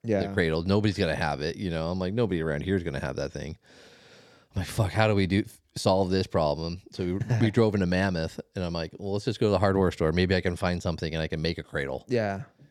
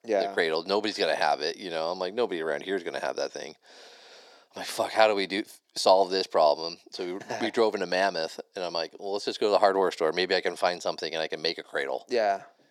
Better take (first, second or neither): first